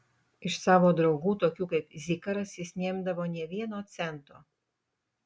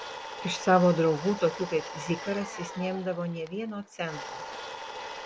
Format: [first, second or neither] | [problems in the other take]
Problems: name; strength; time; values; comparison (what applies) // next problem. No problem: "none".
first | background sound (Domestic sounds, home sounds); 11 dB below the speech